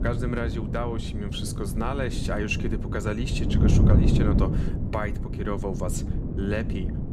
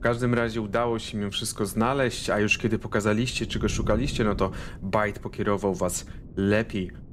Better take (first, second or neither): second